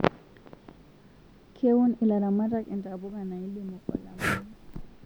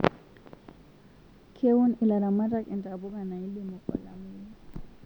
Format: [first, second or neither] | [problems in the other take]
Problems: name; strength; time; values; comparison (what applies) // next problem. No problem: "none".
second | background sound (Breathing); 10 dB below the speech